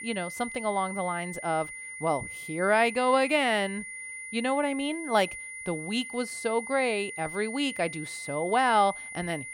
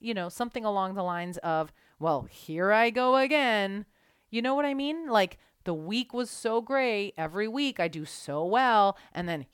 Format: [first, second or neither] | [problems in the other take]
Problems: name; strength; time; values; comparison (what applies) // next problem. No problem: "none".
second | high-pitched whine; loud; throughout; 2 kHz, 9 dB below the speech